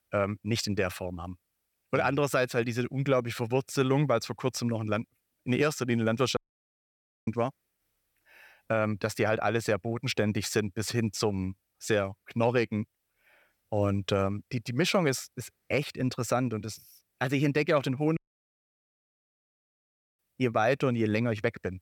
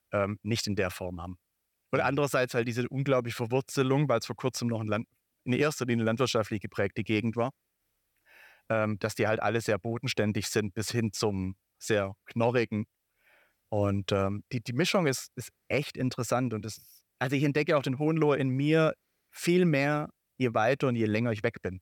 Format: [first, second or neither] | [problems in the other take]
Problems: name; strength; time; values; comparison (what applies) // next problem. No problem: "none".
second | audio cutting out; at 6.5 s for 1 s and at 18 s for 2 s